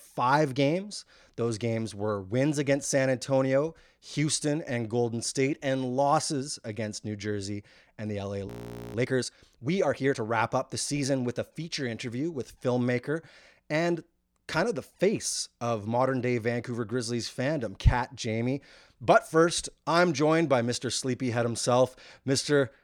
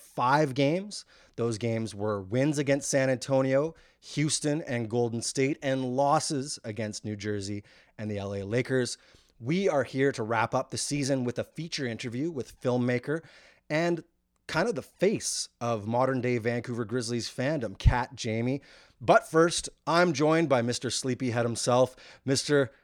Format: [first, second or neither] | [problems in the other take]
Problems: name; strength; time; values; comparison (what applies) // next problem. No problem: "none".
second | audio freezing; at 8.5 s